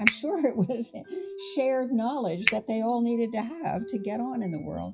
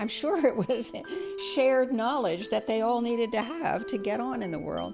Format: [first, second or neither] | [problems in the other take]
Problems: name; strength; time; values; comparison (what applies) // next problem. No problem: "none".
second | noise reduction (classical method WPE with log-MMSE)